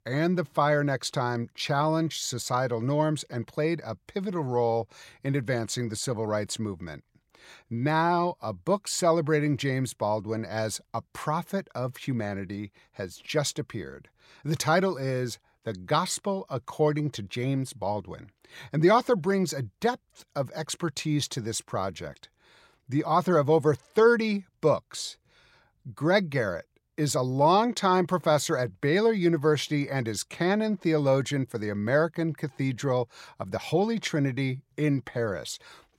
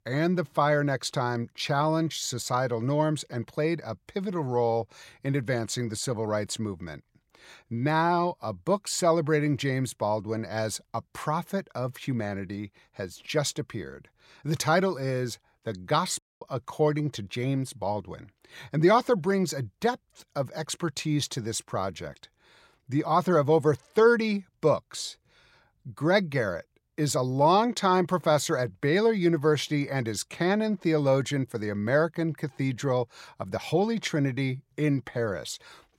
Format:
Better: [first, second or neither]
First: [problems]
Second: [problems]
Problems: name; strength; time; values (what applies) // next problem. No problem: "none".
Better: first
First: none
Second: audio cutting out; at 16 s